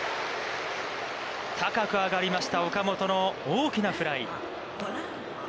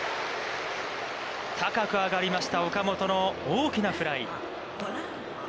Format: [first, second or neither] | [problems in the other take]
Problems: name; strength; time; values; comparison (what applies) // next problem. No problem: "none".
first | background sound (Bowed string instrument); 19 dB below the speech